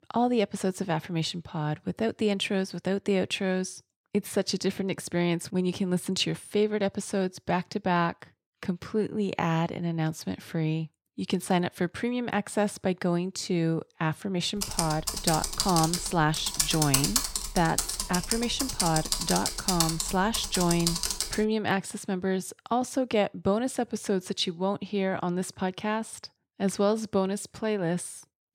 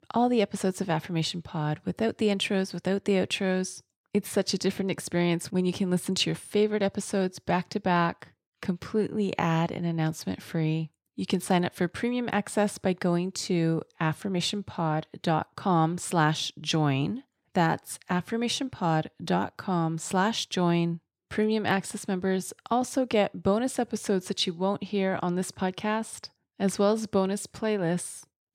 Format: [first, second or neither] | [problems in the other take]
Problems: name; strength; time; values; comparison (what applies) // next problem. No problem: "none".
second | keyboard typing; loud; from 15 to 21 s; peak 5 dB above the speech